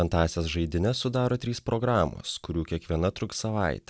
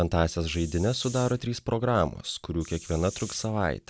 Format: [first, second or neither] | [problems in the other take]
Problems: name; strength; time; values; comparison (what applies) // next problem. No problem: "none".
first | background sound (Hiss); 17 dB below the speech